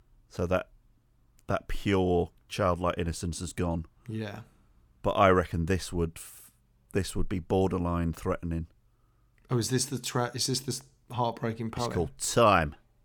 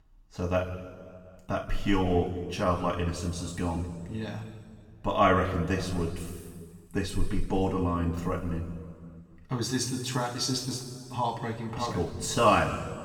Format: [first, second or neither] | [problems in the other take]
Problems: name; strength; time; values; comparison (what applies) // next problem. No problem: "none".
first | room echo; noticeable; dies away in 1.9 s // off-mic speech; far